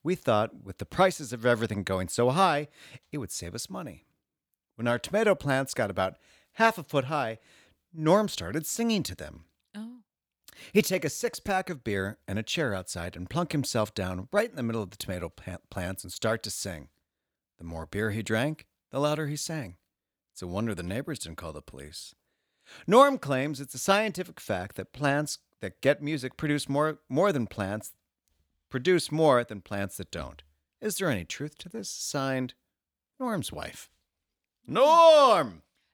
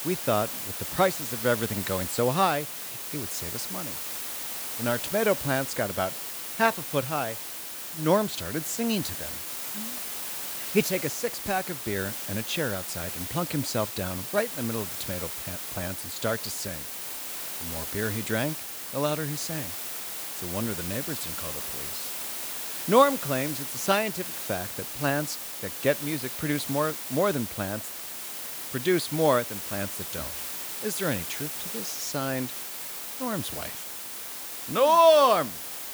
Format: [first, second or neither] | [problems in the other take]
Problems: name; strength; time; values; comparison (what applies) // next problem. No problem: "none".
first | hiss; loud; throughout; 5 dB below the speech